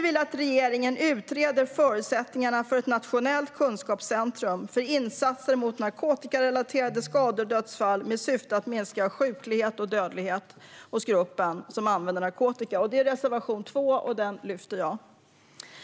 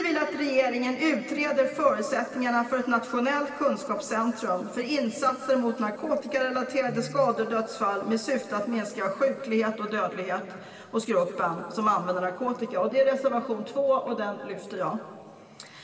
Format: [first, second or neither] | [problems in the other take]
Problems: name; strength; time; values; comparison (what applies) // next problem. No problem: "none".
first | room echo; dies away in 2.6 s